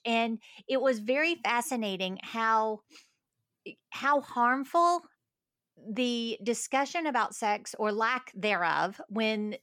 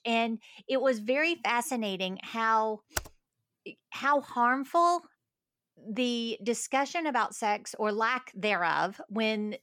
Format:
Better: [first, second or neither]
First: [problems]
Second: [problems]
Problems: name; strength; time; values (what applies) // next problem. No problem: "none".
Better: first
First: none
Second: keyboard typing; very faint; at 3 s; peak 8 dB below the speech